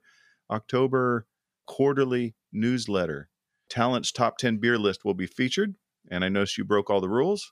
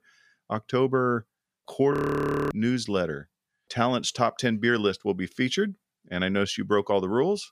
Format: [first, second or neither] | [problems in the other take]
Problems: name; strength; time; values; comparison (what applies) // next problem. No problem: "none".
first | audio freezing; at 2 s for 0.5 s